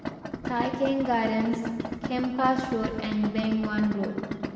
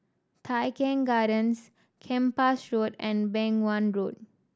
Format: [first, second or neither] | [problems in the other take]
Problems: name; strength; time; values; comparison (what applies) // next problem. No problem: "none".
second | background sound (Idling); 6 dB below the speech // room echo; dies away in 1.6 s